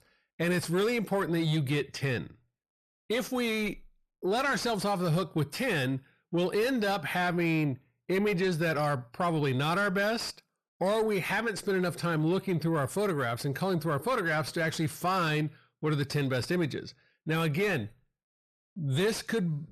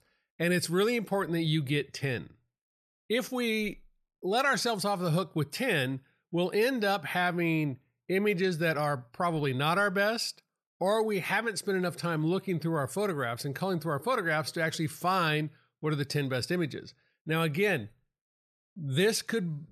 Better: second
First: distortion; slight; 10 dB below the speech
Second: none

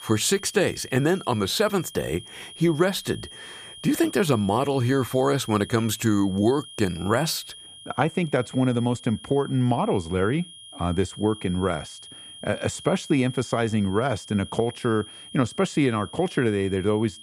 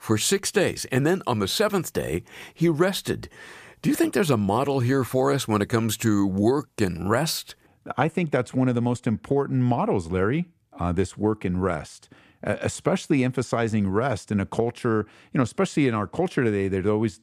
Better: second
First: high-pitched whine; noticeable; throughout; 3 kHz, 15 dB below the speech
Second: none

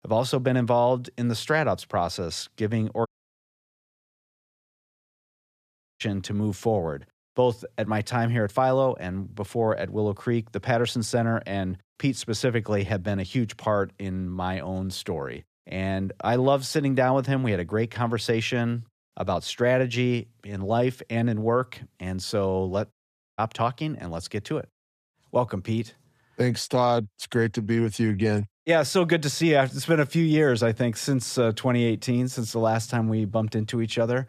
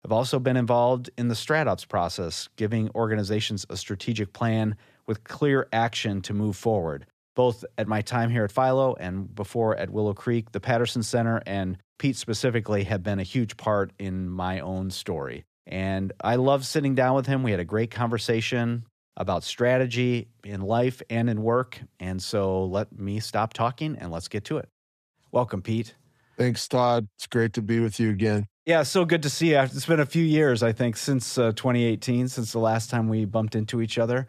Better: second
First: audio cutting out; at 3 s for 3 s and at 23 s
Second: none

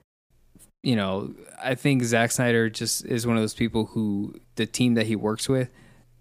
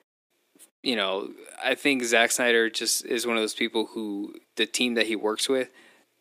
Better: first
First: none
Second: thin; somewhat; fading below 300 Hz

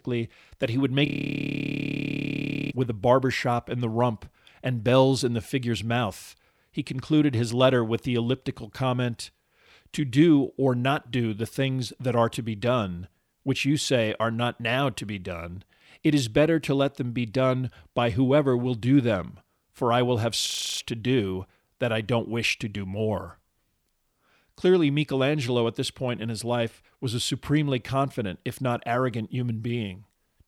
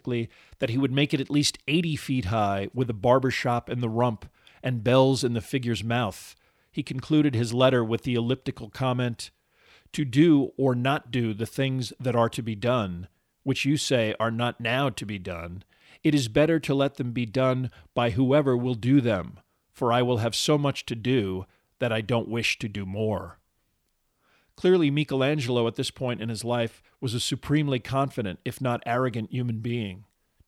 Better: second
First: audio freezing; at 1 s for 1.5 s and at 20 s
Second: none

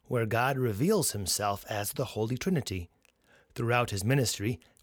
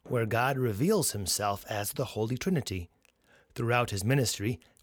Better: first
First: none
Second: background music; very faint; until 2.5 s; 30 dB below the speech

